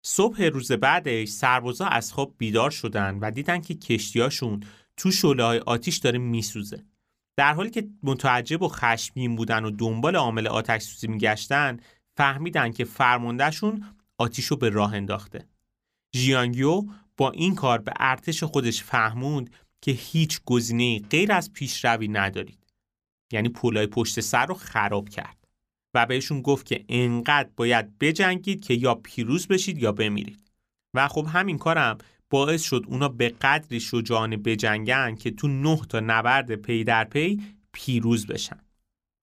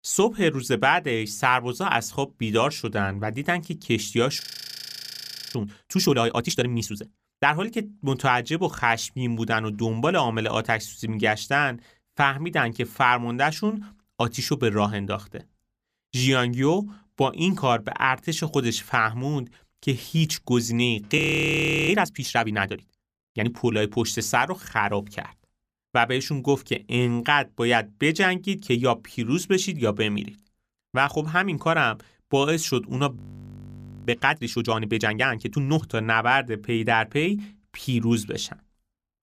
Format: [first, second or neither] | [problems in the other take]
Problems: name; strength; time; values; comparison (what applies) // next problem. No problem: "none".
first | audio freezing; at 4.5 s for 1 s, at 21 s for 0.5 s and at 33 s for 1 s